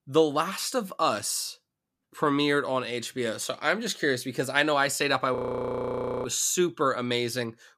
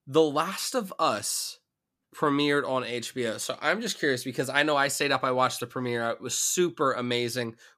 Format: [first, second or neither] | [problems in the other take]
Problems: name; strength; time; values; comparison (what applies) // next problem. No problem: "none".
second | audio freezing; at 5.5 s for 1 s